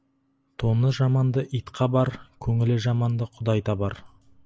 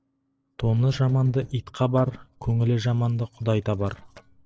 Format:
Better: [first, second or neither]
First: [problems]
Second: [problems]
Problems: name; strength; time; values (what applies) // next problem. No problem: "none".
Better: first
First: none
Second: noise reduction (neural separator model SepFormer DNS4)